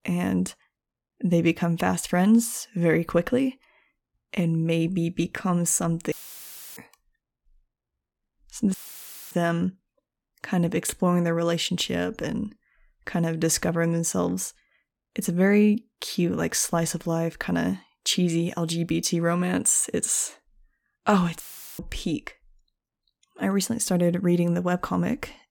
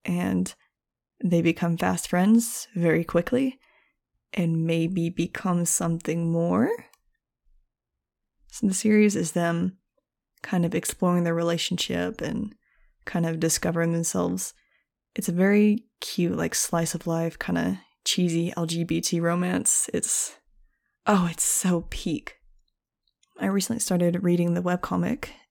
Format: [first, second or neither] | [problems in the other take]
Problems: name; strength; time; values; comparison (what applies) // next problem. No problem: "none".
second | audio cutting out; filled with static; at 6 s for 0.5 s, at 8.5 s for 0.5 s and at 21 s